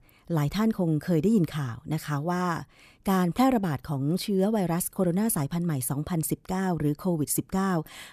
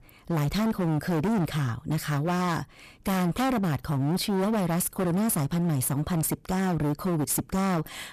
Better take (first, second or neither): first